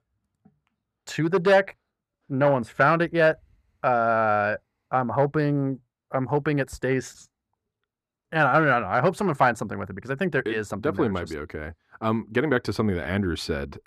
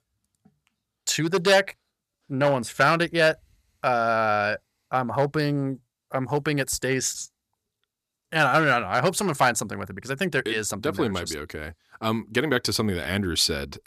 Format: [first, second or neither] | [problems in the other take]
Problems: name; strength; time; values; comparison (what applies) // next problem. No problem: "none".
second | muffled; slightly; fading above 3 kHz